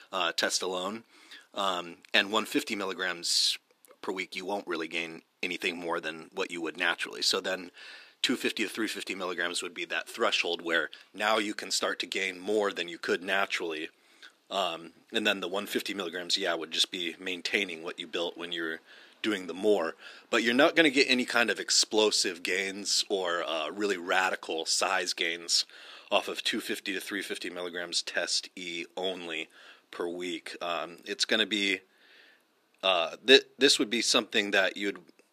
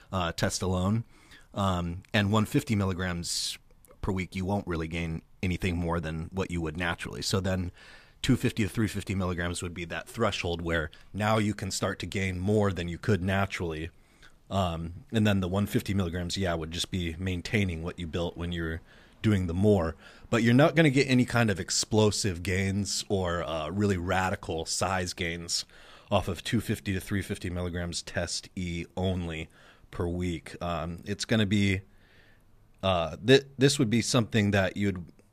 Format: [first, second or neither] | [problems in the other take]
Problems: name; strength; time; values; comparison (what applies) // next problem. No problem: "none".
second | thin; somewhat; fading below 300 Hz